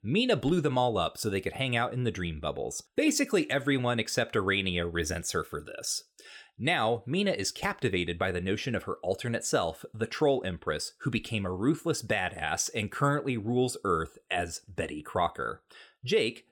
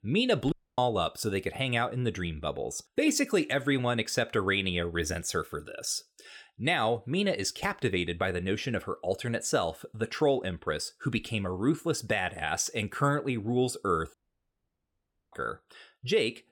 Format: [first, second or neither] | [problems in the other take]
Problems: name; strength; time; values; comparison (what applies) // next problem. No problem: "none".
first | audio cutting out; at 0.5 s and at 14 s for 1 s